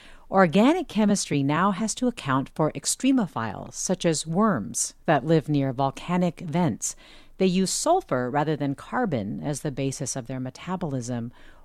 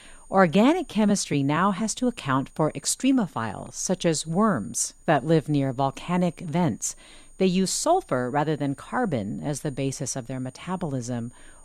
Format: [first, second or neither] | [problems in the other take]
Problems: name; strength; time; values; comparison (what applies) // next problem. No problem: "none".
first | high-pitched whine; faint; throughout; 9 kHz, 30 dB below the speech